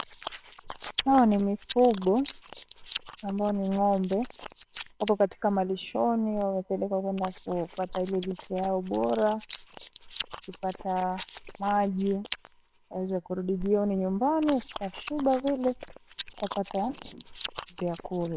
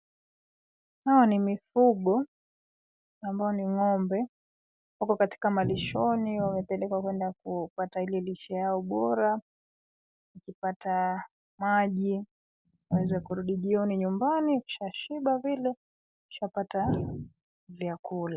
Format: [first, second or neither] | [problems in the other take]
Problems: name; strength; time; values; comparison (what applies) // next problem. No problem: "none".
second | noise reduction (neural separator model SepFormer WHAMR!)